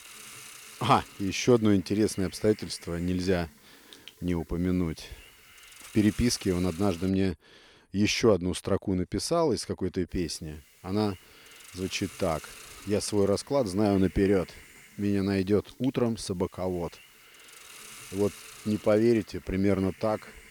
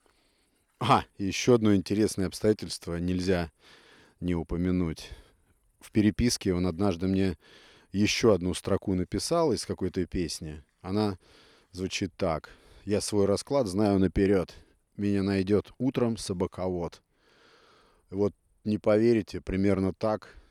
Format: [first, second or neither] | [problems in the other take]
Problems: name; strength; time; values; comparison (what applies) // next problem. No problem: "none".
second | hiss; noticeable; until 7 s and from 10 s on; 20 dB below the speech